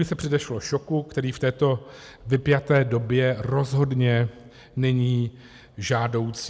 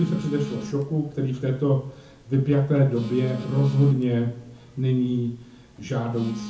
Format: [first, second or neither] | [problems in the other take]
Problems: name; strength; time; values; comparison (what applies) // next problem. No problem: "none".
first | background sound (Telephone); 14 dB below the speech // room echo; dies away in 0.6 s